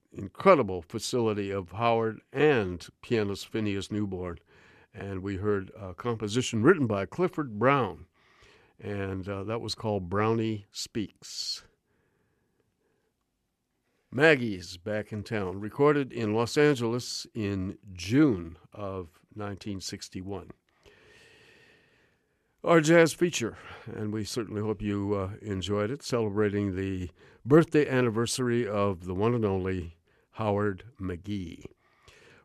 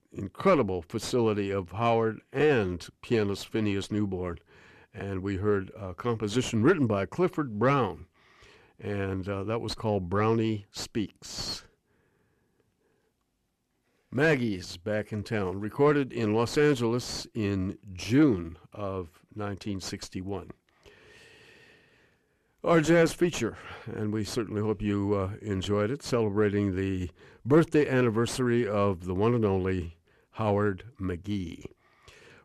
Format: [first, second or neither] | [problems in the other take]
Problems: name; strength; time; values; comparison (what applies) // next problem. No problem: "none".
first | distortion; slight; 10 dB below the speech